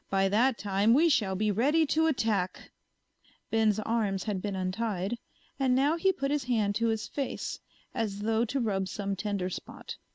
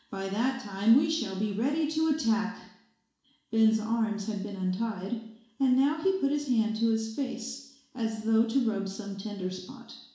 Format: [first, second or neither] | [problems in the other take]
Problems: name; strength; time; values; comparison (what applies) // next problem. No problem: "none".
first | room echo; dies away in 0.7 s